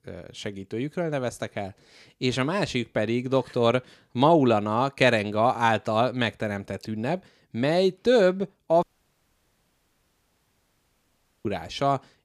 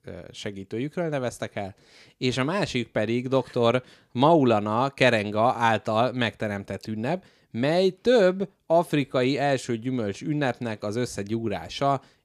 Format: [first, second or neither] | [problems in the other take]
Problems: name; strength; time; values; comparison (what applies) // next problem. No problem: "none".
second | audio cutting out; at 9 s for 2.5 s